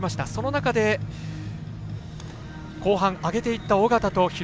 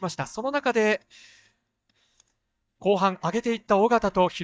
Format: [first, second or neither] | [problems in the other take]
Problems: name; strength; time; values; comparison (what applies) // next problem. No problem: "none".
first | noise reduction (neural mask model DeepFilterNet 3)